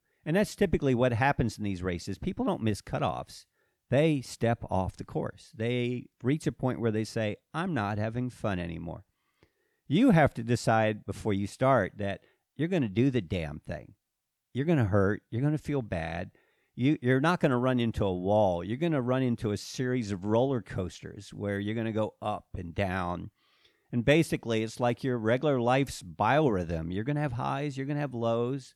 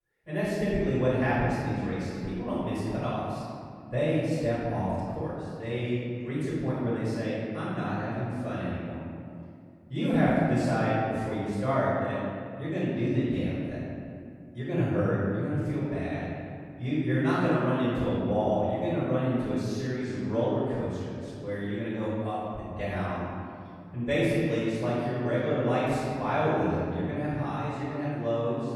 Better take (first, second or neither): first